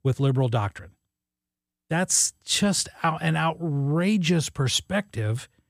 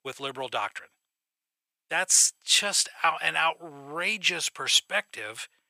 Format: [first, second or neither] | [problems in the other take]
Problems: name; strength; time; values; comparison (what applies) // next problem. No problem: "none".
first | thin; very; fading below 800 Hz